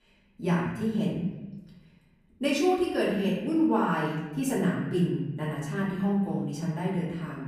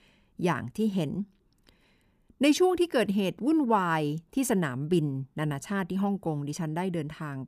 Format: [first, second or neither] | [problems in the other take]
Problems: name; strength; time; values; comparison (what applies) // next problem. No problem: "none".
second | off-mic speech; far // room echo; noticeable; dies away in 1 s